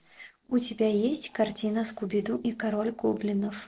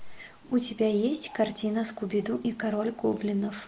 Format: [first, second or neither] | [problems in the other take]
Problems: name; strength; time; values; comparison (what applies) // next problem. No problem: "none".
second | noise reduction (neural separator model SepFormer DNS4)